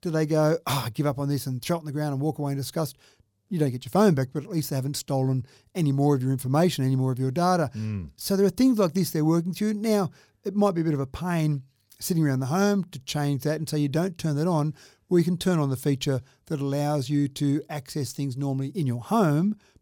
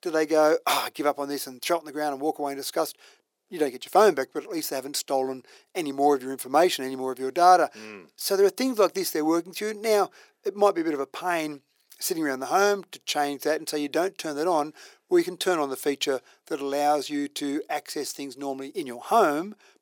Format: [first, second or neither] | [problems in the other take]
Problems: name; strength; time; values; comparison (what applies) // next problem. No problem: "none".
first | thin; very; fading below 350 Hz